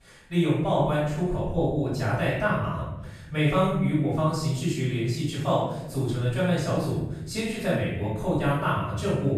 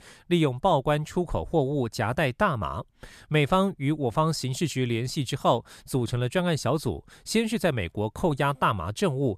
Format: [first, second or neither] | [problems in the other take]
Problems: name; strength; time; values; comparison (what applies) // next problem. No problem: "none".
second | off-mic speech; far // room echo; strong; dies away in 1 s